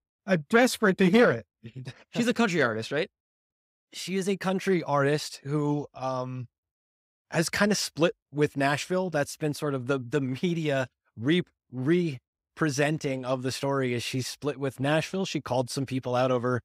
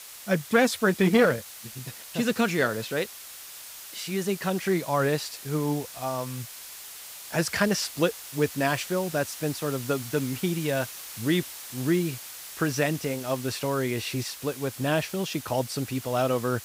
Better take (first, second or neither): first